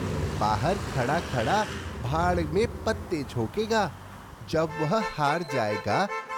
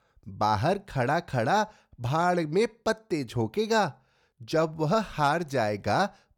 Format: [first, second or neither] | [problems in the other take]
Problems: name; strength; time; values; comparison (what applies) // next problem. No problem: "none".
second | traffic noise; loud; throughout; 7 dB below the speech